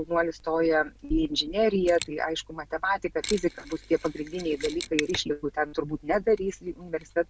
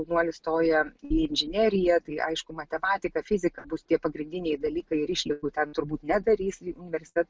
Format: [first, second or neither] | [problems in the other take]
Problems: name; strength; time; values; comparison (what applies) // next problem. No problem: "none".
second | background sound (Mechanisms); 16 dB below the speech